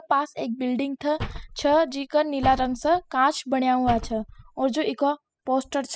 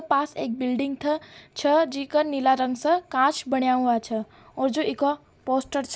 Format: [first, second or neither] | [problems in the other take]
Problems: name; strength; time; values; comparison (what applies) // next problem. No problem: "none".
second | noise reduction (classical method spectral subtraction)